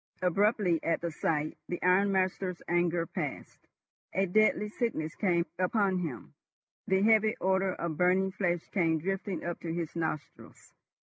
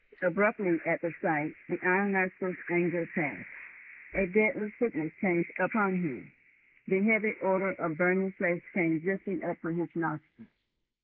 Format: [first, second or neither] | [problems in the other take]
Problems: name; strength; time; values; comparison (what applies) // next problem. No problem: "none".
first | noise reduction (neural mask model Resemble Enhance denoiser)